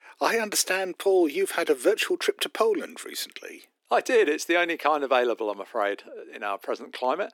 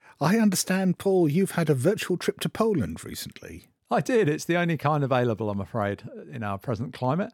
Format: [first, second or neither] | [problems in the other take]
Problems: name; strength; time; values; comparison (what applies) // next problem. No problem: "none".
second | thin; very; fading below 300 Hz